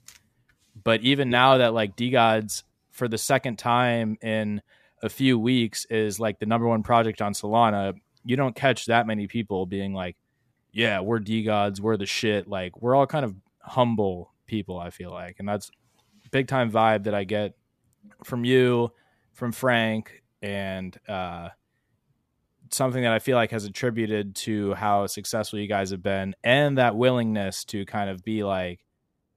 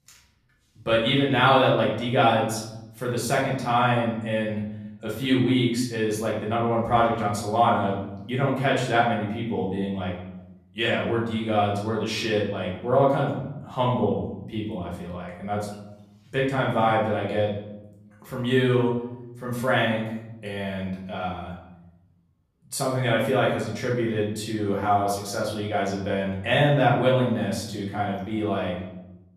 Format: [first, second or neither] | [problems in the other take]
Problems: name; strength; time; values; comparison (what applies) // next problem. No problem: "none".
first | off-mic speech; far // room echo; noticeable; dies away in 0.9 s